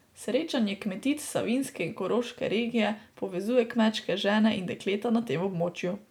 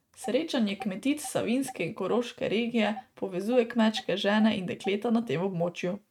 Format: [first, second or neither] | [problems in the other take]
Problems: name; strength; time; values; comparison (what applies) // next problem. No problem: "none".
first | noise reduction (neural mask model RNNoise)